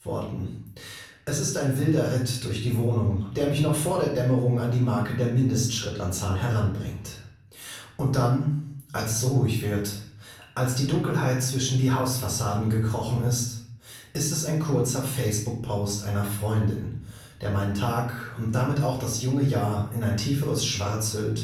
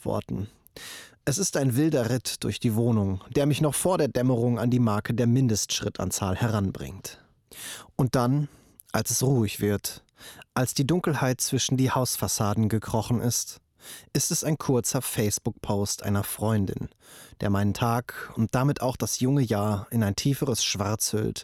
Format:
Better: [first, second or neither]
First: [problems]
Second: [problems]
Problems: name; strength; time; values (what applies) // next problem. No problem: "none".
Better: second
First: off-mic speech; far // room echo; noticeable; dies away in 0.6 s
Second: none